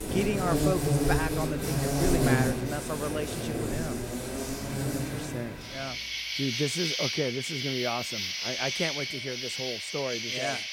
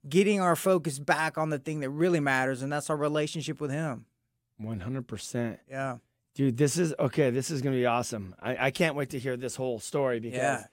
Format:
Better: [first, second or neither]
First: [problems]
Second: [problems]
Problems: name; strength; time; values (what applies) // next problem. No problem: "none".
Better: second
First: animal sounds; very loud; throughout; 3 dB above the speech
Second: none